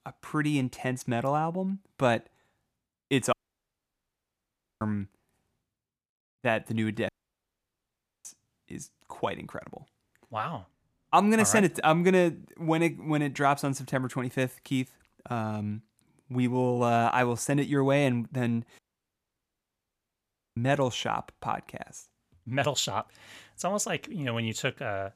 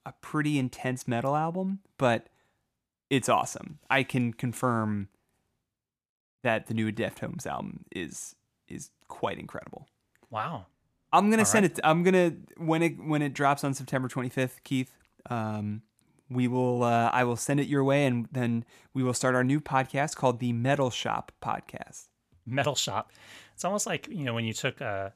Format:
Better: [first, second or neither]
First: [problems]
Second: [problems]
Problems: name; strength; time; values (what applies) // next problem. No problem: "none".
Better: second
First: audio cutting out; at 3.5 s for 1.5 s, at 7 s for 1 s and at 19 s for 2 s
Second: none